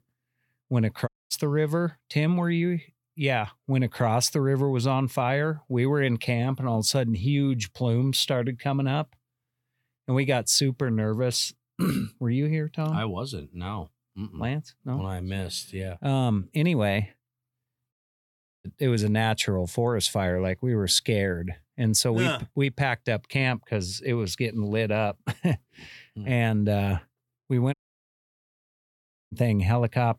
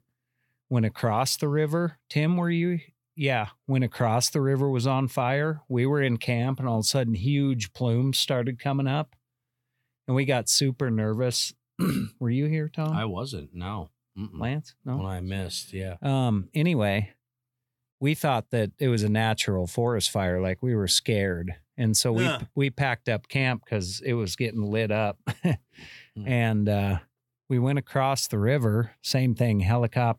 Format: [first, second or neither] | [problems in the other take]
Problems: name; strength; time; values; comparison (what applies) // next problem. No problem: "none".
second | audio cutting out; at 1 s, at 18 s for 0.5 s and at 28 s for 1.5 s